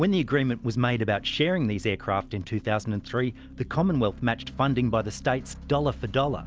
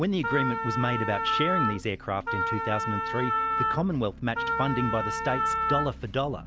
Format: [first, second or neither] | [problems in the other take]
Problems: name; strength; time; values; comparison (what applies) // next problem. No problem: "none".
first | background sound (Wind instrument, woodwind instrument); as loud as the speech